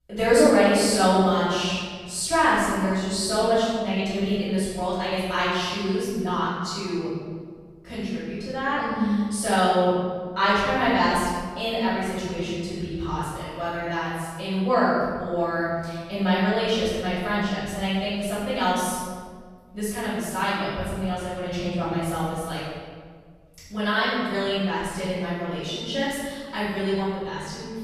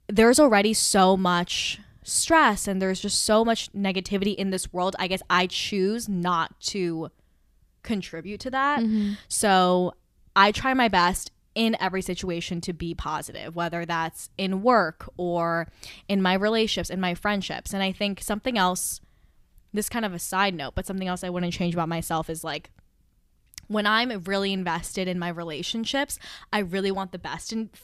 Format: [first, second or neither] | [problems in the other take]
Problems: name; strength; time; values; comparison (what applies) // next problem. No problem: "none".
second | room echo; strong; dies away in 1.6 s // off-mic speech; far